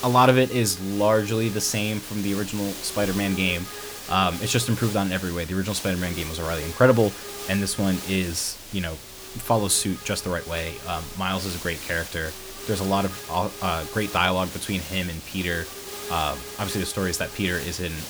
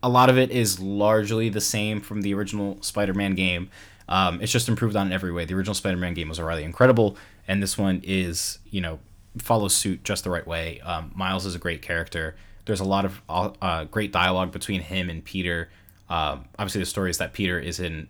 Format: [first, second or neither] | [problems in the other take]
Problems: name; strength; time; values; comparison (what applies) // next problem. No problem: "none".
second | hiss; noticeable; throughout; 10 dB below the speech